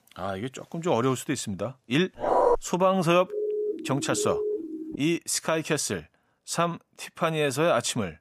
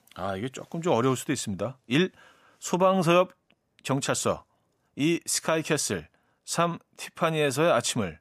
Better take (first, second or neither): second